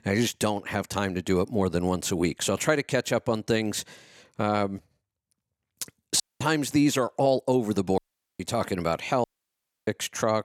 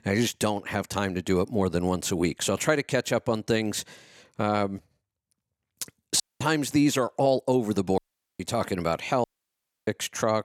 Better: neither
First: audio cutting out; at 6 s, at 8 s and at 9 s for 0.5 s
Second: audio cutting out; at 6 s, at 8 s and at 9 s for 0.5 s

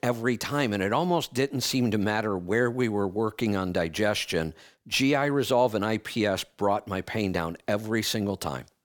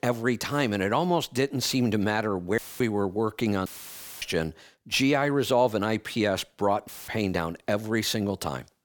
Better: first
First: none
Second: audio cutting out; filled with static; at 2.5 s, at 3.5 s for 0.5 s and at 7 s

